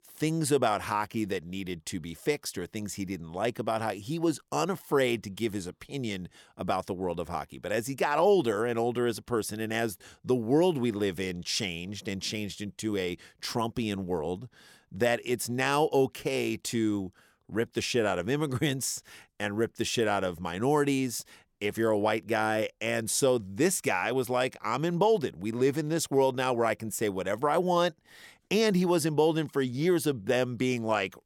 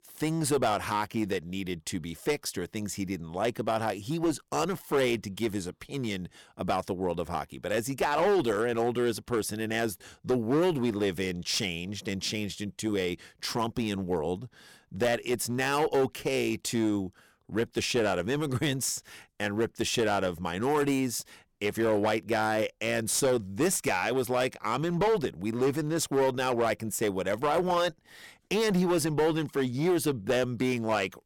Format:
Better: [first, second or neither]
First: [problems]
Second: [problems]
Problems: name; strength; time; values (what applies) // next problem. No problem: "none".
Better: first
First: none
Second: distortion; slight; 8% of the sound clipped